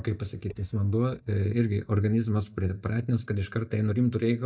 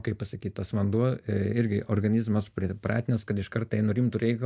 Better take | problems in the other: second | noise reduction (neural mask model DeepFilterNet 3)

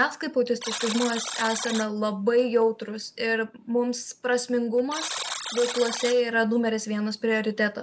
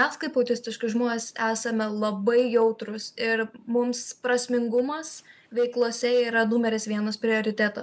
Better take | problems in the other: second | background sound (Alarm); 10 dB below the speech

